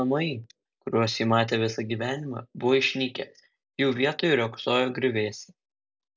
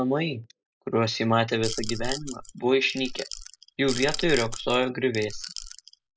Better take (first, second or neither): first